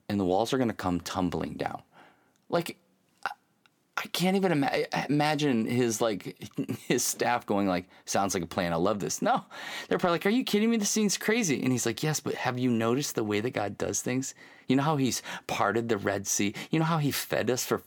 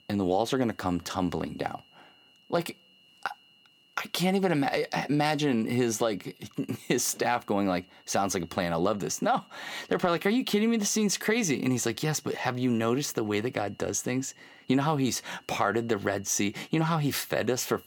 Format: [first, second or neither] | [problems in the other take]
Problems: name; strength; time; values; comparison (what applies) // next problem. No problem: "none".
first | high-pitched whine; faint; throughout; 3 kHz, 30 dB below the speech